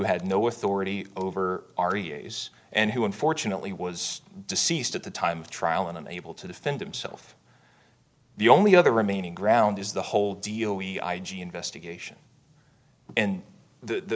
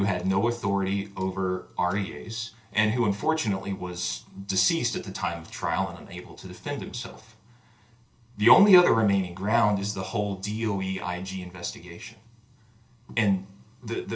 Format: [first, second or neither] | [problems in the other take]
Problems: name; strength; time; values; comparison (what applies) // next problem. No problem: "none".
first | room echo; dies away in 0.2 s